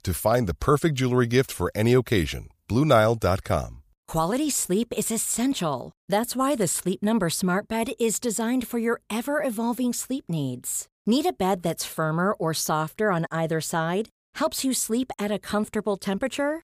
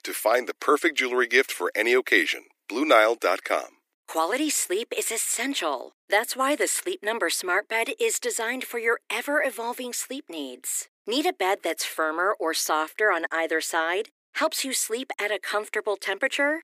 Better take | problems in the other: first | thin; somewhat; fading below 300 Hz

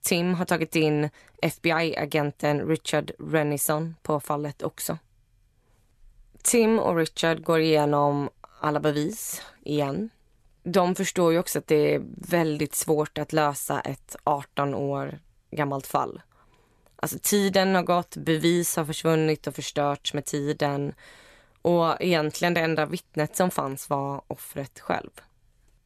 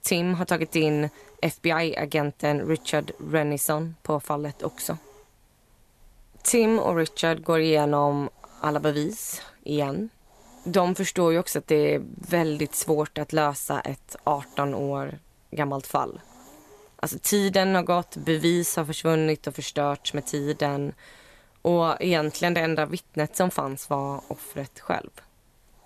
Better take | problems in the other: first | hiss; faint; throughout; 30 dB below the speech

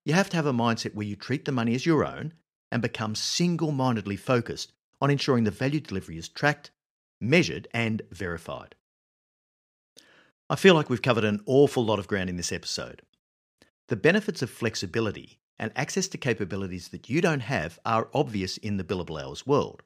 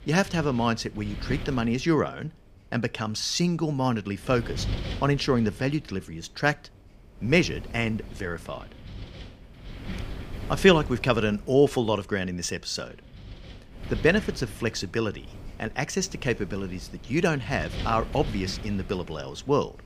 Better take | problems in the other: first | wind noise on the microphone; occasional gusts; 15 dB below the speech

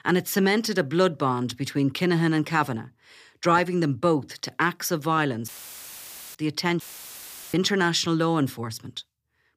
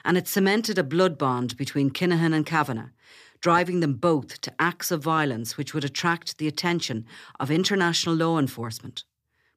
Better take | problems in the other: second | audio cutting out; filled with static; at 5.5 s for 1 s and at 7 s for 0.5 s

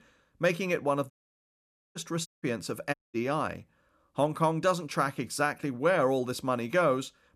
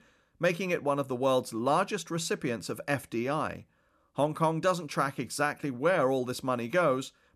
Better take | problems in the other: second | audio cutting out; at 1 s for 1 s, at 2.5 s and at 3 s

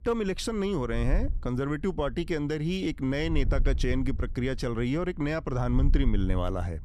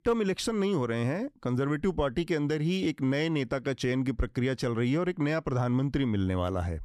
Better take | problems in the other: second | wind noise on the microphone; occasional gusts; 20 dB below the speech

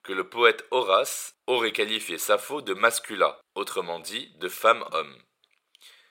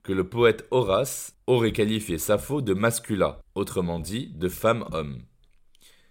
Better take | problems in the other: second | thin; very; fading below 550 Hz

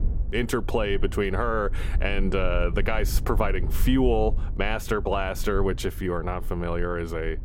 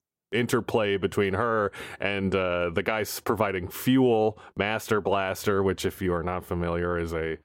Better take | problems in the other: second | low rumble; faint; throughout; 20 dB below the speech

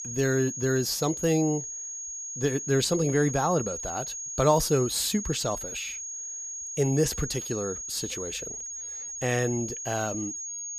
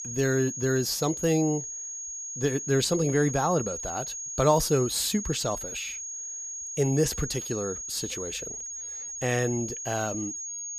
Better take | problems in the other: neither | high-pitched whine; loud; throughout; 6.5 kHz, 6 dB below the speech; the same in both

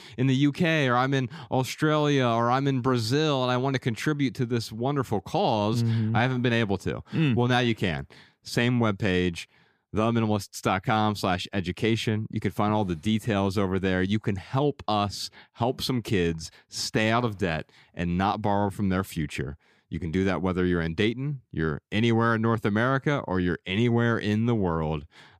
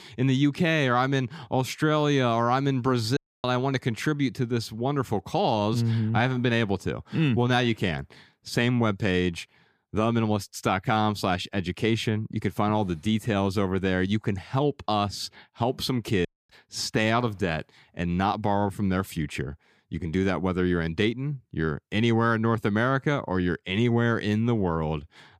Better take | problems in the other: first | audio cutting out; at 3 s and at 16 s

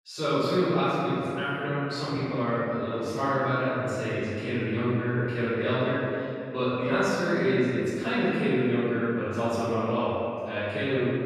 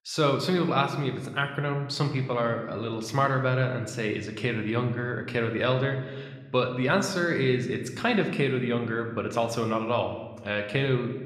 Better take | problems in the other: second | room echo; strong; dies away in 2.7 s; slight in the second // off-mic speech; far

